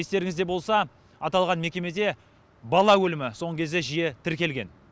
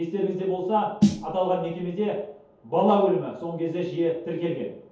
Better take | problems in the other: first | background sound (Snare drum); 3 dB below the speech // room echo; dies away in 0.7 s

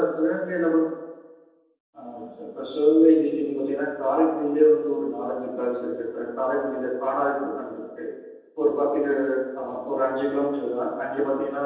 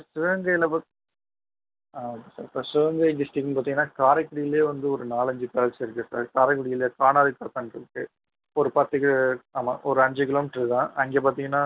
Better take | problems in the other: second | room echo; dies away in 1.1 s

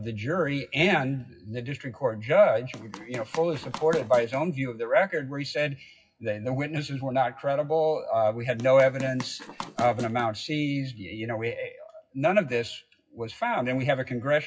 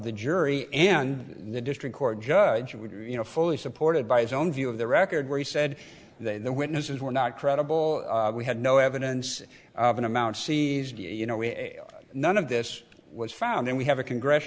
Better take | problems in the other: second | noise reduction (classical method WPE with log-MMSE)

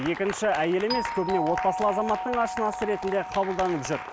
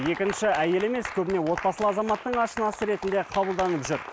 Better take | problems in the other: second | background sound (Doorbell); 7 dB below the speech

